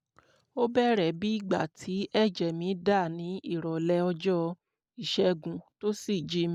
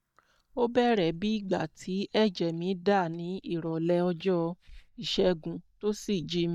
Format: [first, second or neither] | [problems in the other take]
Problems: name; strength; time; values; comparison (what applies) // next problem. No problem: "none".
first | noise reduction (neural mask model DeepFilterNet 3)